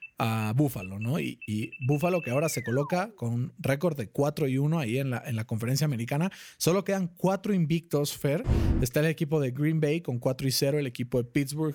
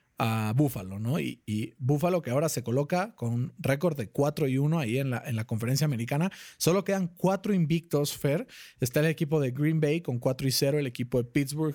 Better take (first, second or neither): second